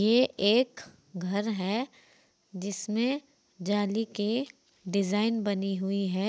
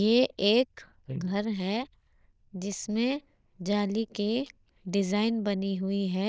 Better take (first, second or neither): first